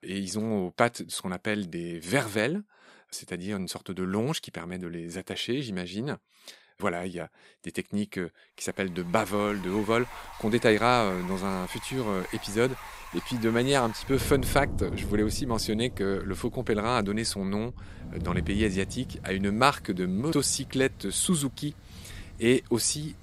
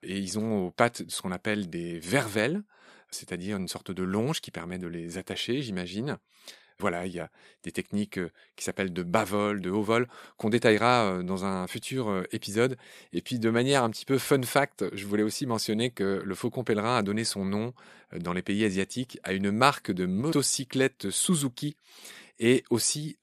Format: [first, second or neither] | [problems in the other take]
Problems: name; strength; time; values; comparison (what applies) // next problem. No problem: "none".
second | rain or running water; noticeable; from 9 s on; 10 dB below the speech